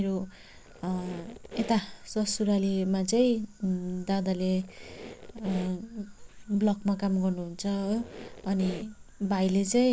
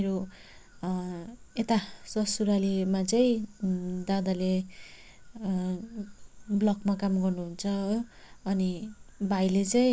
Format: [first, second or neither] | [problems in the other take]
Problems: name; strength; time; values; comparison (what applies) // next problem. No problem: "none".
second | background sound (Squeak); 16 dB below the speech